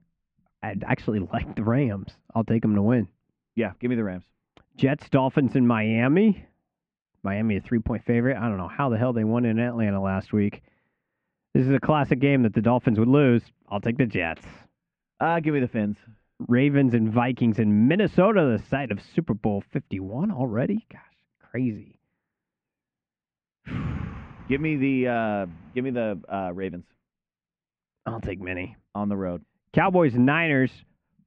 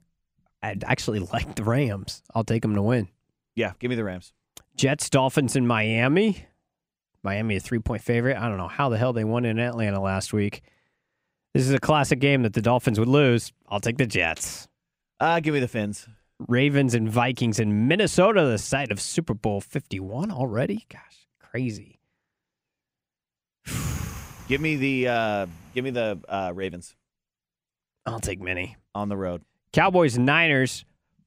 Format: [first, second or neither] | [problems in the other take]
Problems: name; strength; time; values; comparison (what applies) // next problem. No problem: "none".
second | muffled; very; fading above 2.5 kHz